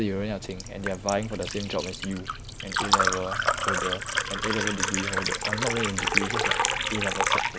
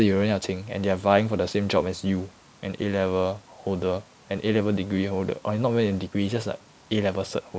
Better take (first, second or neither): second